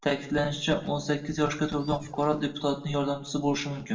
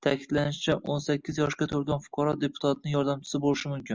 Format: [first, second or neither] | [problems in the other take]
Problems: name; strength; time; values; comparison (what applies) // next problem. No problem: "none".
second | noise reduction (neural separator model SepFormer DNS4)